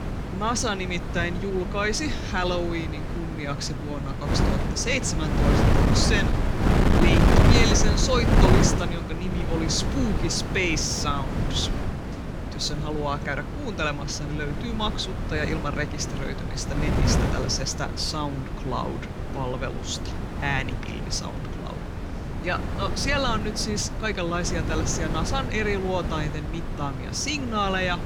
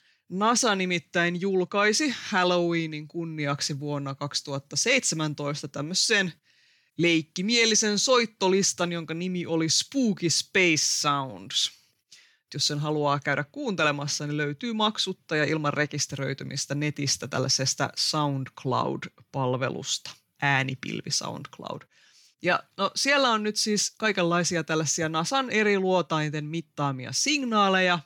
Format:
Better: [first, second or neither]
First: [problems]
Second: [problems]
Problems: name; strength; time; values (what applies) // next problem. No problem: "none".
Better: second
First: wind noise on the microphone; heavy; 4 dB below the speech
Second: none